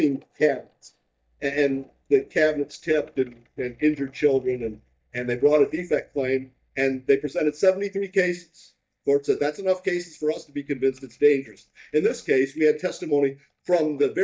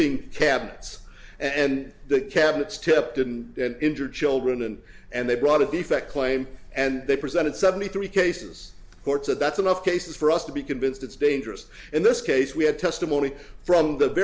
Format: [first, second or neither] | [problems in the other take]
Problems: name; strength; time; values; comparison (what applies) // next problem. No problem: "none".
second | noise reduction (neural mask model DeepFilterNet 3)